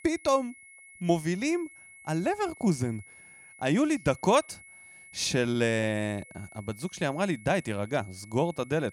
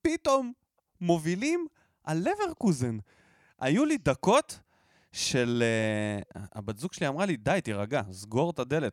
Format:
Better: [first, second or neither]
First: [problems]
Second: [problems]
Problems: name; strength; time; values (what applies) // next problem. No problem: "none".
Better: second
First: high-pitched whine; faint; throughout; 2 kHz, 20 dB below the speech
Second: none